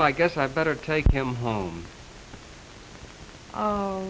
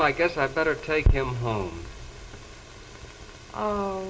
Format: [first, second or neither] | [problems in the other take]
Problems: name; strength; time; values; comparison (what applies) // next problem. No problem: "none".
first | room echo; dies away in 1.2 s